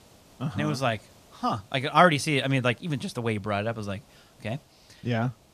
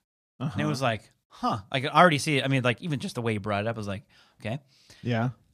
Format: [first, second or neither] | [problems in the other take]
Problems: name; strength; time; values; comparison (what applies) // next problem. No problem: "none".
second | hiss; faint; throughout; 30 dB below the speech